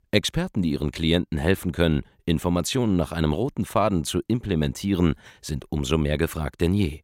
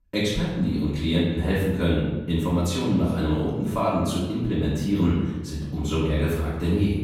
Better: first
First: none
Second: off-mic speech; far // room echo; noticeable; dies away in 1 s

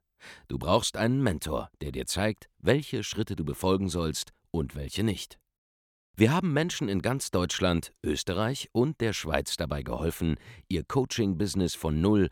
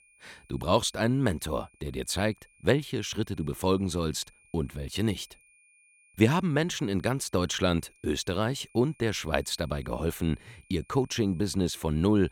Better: first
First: none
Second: high-pitched whine; faint; throughout; 2.5 kHz, 30 dB below the speech

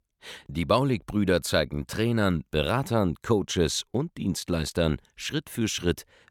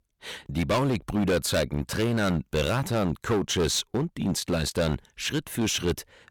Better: first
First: none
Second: distortion; heavy; 13% of the sound clipped

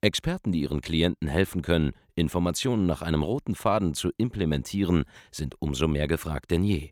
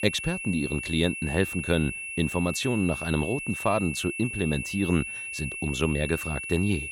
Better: first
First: none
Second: high-pitched whine; loud; throughout; 2.5 kHz, 5 dB below the speech

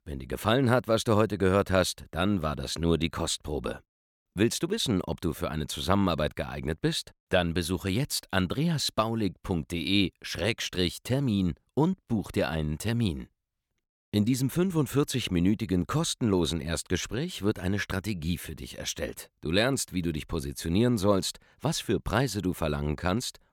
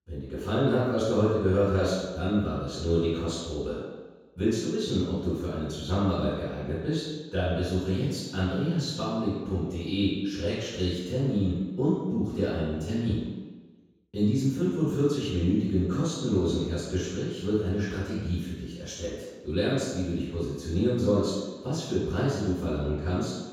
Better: first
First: none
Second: room echo; strong; dies away in 1.2 s // off-mic speech; far

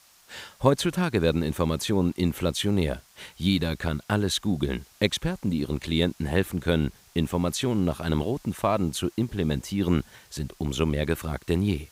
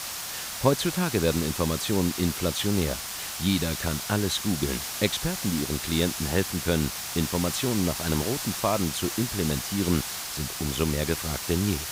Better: first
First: hiss; faint; throughout; 30 dB below the speech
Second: hiss; loud; throughout; 4 dB below the speech

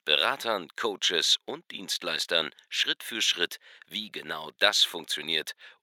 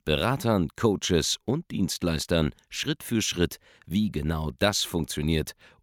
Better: second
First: thin; very; fading below 550 Hz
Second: none

